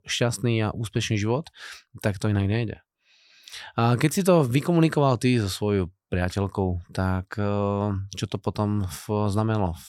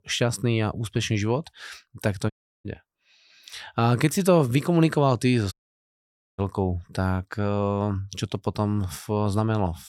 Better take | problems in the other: first | audio cutting out; at 2.5 s and at 5.5 s for 1 s

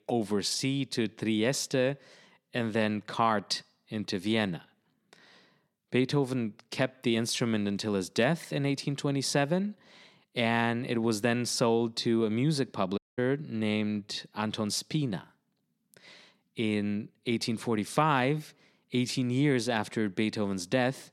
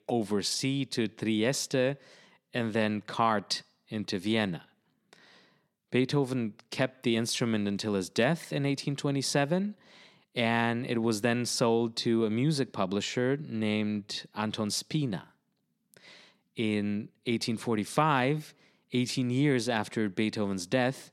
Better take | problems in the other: second | audio cutting out; at 13 s

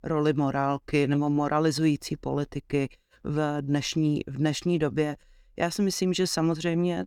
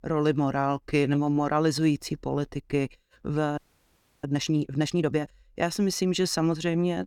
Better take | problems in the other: first | audio freezing; at 3.5 s for 0.5 s

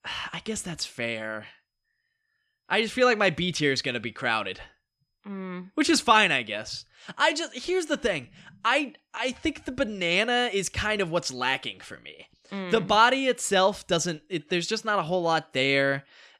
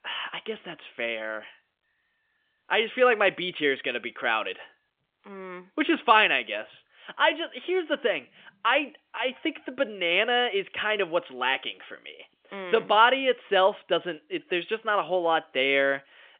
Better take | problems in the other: first | phone-call audio; nothing above 3.5 kHz

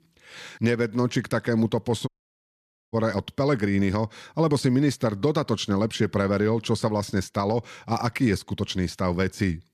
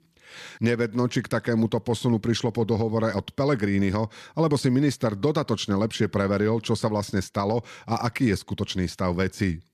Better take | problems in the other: second | audio cutting out; at 2 s for 1 s

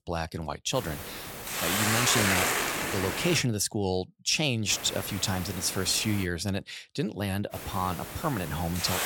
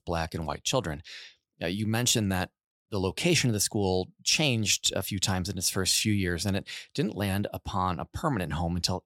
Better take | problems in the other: second | hiss; loud; from 0.5 to 3.5 s, from 4.5 to 6 s and from 7.5 s on; 1 dB below the speech

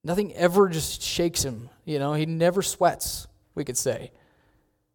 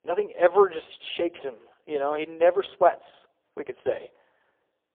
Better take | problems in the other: first | phone-call audio; poor line; nothing above 3.5 kHz

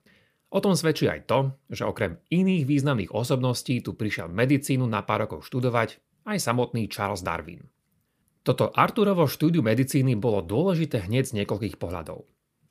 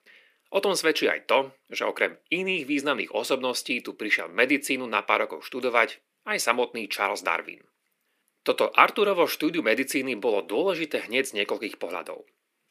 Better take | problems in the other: first | thin; somewhat; fading below 300 Hz

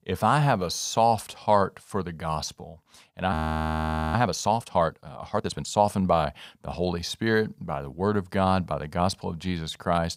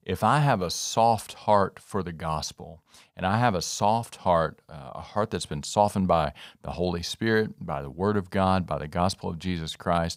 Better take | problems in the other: second | audio freezing; at 3.5 s for 1 s

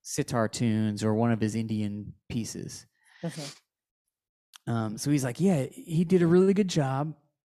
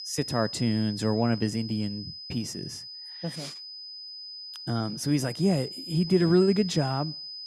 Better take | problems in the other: first | high-pitched whine; noticeable; throughout; 5 kHz, 10 dB below the speech

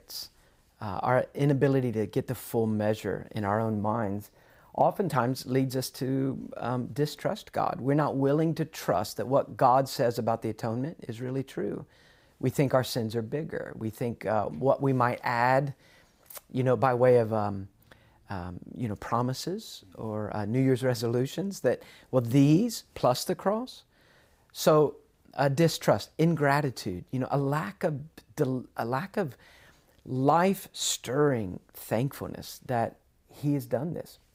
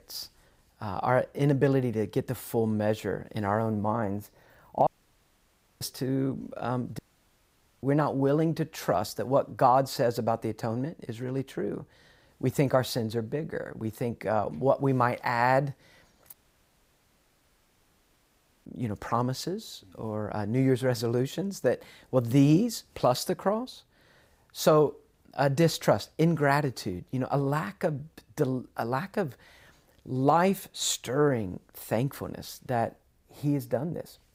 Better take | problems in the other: first | audio cutting out; at 5 s for 1 s, at 7 s for 1 s and at 16 s for 2.5 s

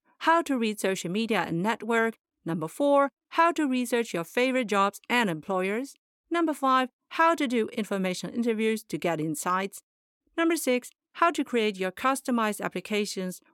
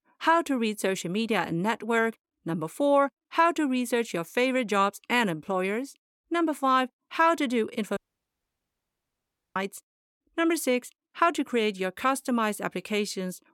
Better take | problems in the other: first | audio cutting out; at 8 s for 1.5 s

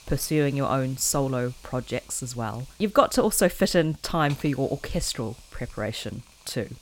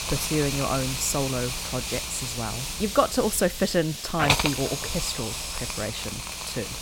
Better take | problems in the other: first | hiss; loud; throughout; 2 dB below the speech; faint in the first

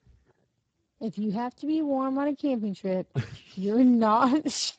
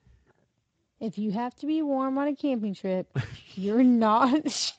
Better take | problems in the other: second | garbled, watery; badly; nothing above 8 kHz; slightly in the second

